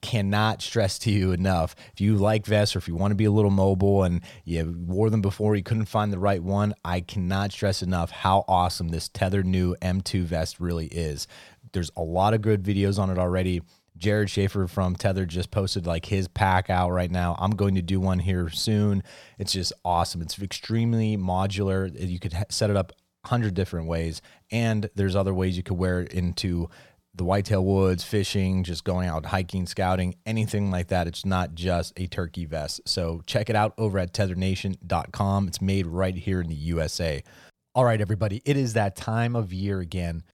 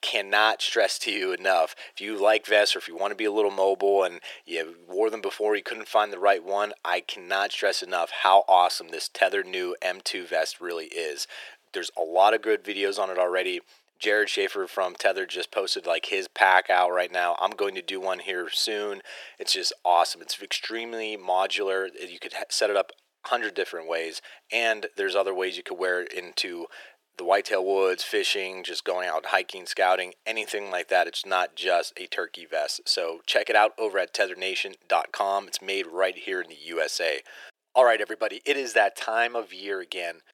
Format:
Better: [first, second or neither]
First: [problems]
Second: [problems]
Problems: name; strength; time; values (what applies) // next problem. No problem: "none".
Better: first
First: none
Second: thin; very; fading below 350 Hz